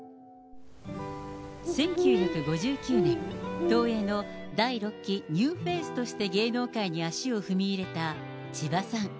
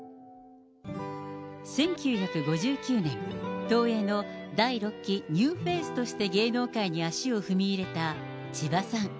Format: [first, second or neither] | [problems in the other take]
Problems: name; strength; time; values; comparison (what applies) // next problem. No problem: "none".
second | background sound (Bird); 2 dB below the speech